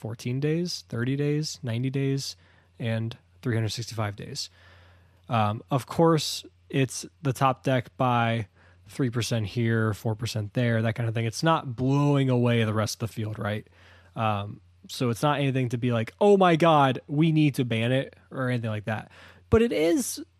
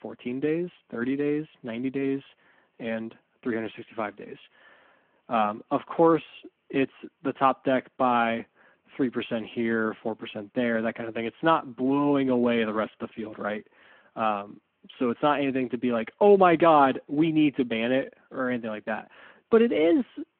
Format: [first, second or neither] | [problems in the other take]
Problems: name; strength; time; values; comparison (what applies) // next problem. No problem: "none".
first | phone-call audio